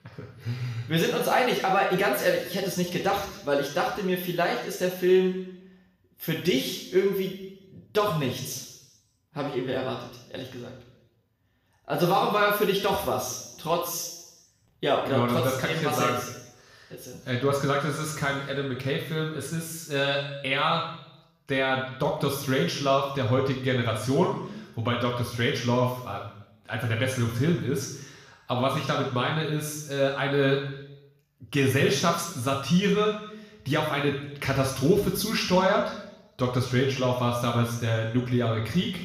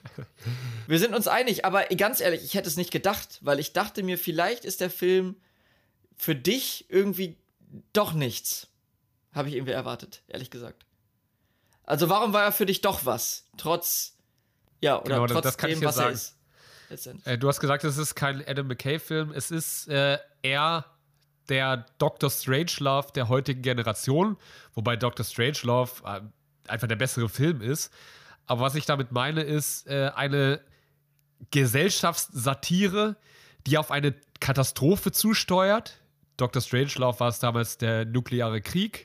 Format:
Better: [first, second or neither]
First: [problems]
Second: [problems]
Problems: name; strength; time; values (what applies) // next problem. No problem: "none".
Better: second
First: room echo; noticeable; dies away in 0.9 s // off-mic speech; far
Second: none